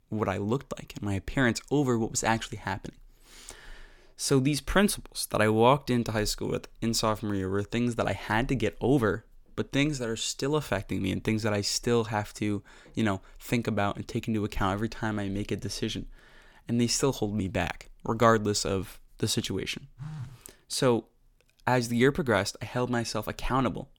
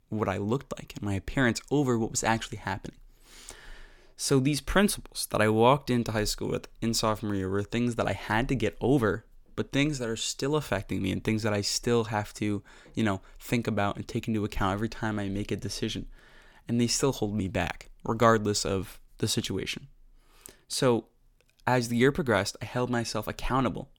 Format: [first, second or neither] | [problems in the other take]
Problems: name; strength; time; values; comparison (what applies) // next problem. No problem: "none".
second | phone ringing; faint; at 20 s; peak 10 dB below the speech